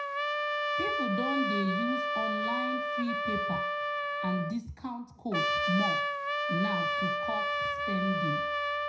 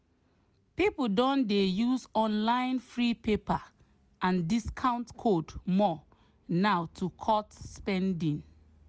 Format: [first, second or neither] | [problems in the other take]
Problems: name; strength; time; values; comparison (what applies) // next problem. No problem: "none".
second | background sound (Trumpet); 4 dB above the speech // room echo; dies away in 0.4 s